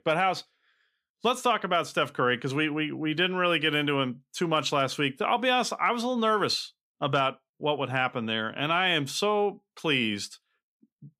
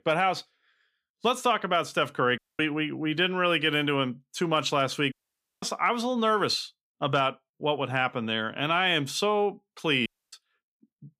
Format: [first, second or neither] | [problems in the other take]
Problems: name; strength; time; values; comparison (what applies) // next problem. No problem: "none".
first | audio cutting out; at 2.5 s, at 5 s for 0.5 s and at 10 s